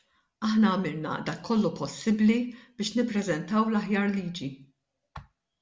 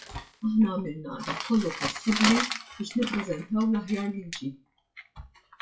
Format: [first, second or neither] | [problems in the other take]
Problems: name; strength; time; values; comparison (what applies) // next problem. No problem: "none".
first | noise reduction (classical method WPE with log-MMSE)